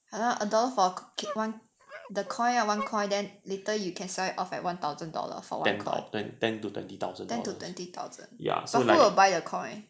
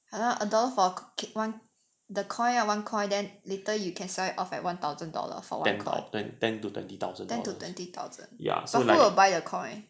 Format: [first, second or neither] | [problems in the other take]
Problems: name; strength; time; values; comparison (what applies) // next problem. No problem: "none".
second | background sound (Dog + Wind instrument, woodwind instrument); 16 dB below the speech